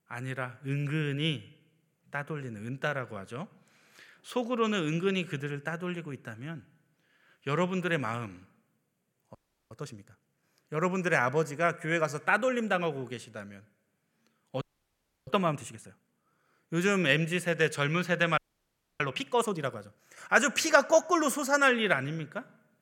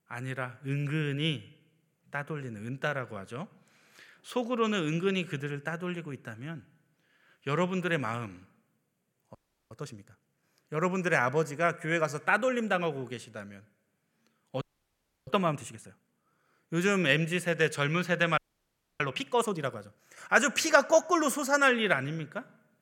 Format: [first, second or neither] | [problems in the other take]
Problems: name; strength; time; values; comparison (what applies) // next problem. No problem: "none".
neither | audio freezing; at 9.5 s, at 15 s for 0.5 s and at 18 s for 0.5 s; the same in both